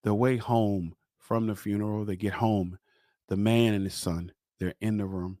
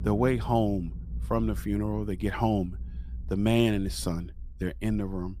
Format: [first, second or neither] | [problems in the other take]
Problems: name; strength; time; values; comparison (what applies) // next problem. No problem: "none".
first | low rumble; faint; throughout; 25 dB below the speech